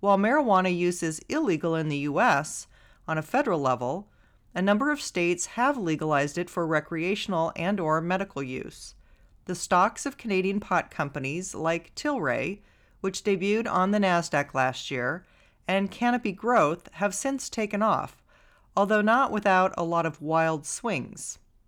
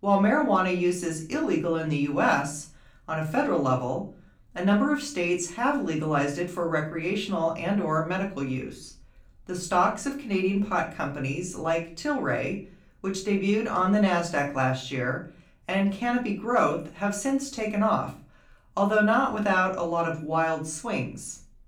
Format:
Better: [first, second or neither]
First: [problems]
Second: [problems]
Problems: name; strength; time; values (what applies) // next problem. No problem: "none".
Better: first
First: none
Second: room echo; slight; dies away in 0.3 s // off-mic speech; far